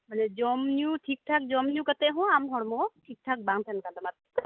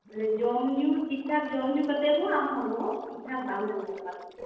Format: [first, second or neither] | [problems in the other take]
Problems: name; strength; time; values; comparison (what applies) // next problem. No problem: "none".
first | noise reduction (neural separator model SepFormer DNS4)